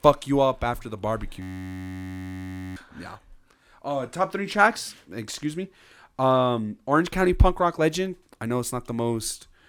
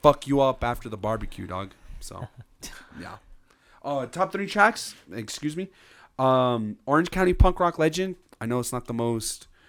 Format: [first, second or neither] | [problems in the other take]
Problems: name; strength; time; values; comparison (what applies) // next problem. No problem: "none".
second | audio freezing; at 1.5 s for 1.5 s